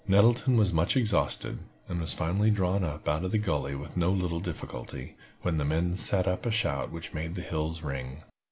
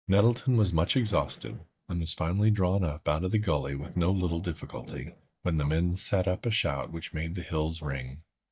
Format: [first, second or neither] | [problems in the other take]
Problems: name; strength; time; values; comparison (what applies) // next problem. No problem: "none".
first | noise reduction (neural mask model DeepFilterNet 3)